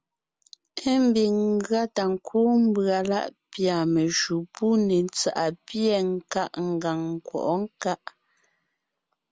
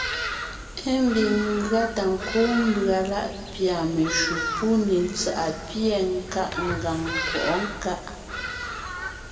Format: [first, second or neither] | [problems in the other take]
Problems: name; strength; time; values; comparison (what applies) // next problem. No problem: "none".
first | background sound (Bird vocalization, bird call, bird song); 7 dB below the speech // room echo; dies away in 2 s